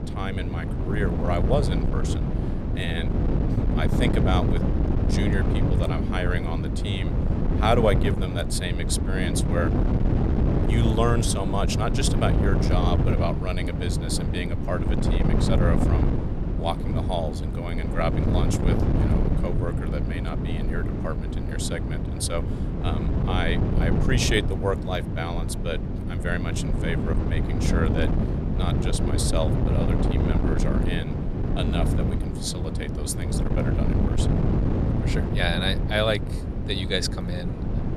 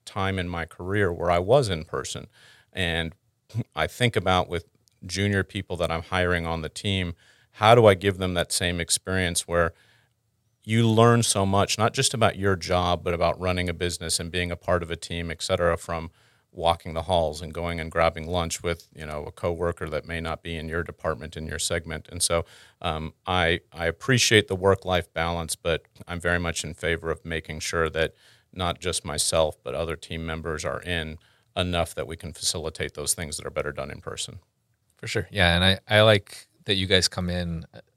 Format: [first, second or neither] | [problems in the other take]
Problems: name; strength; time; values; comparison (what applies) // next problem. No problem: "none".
second | wind noise on the microphone; heavy; 3 dB below the speech